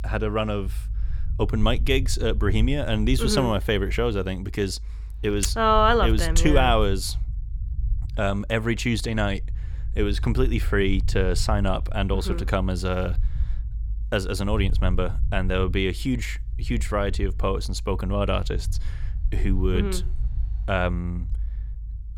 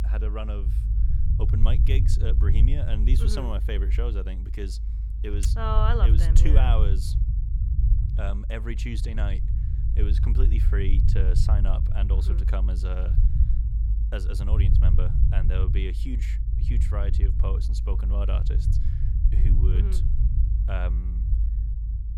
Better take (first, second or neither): first